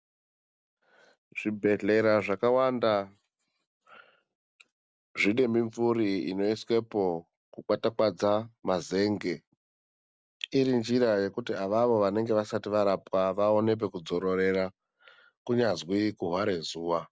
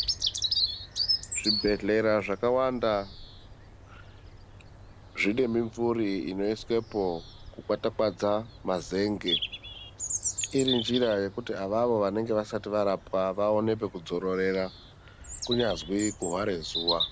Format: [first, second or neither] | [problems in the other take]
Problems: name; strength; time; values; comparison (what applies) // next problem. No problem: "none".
first | background sound (Bird vocalization, bird call, bird song); 7 dB below the speech